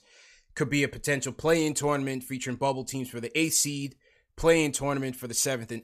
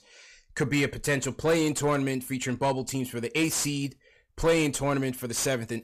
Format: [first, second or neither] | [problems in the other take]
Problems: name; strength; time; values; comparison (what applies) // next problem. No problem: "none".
first | distortion; slight; 10 dB below the speech